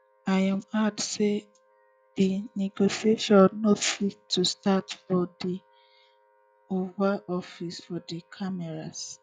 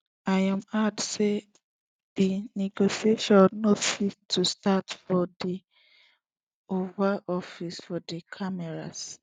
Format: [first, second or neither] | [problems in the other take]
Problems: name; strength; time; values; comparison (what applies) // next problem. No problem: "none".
second | noise reduction (classical method log-MMSE)